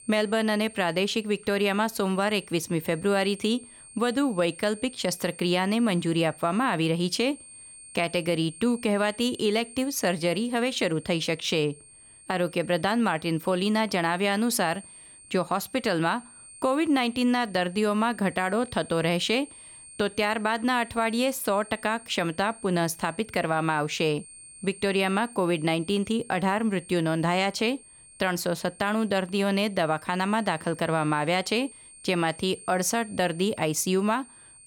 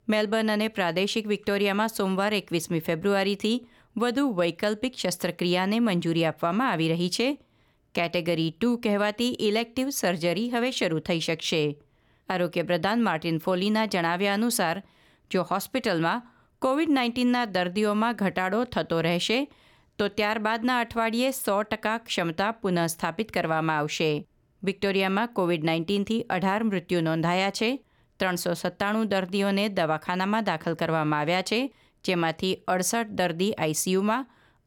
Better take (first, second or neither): second